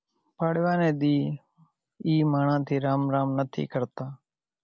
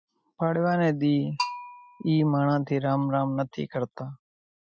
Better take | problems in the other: first | noise reduction (classical method Wiener filter)

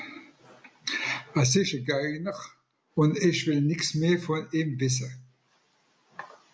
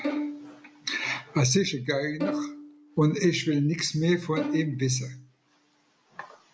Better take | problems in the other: first | background sound (Bowed string instrument); 9 dB below the speech

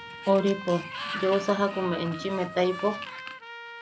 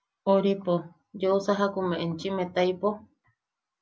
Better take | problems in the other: second | background sound (Trumpet + Sliding door); 10 dB below the speech

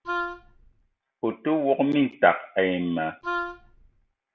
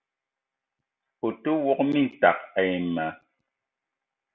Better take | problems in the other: second | background sound (Wind instrument, woodwind instrument); 7 dB below the speech

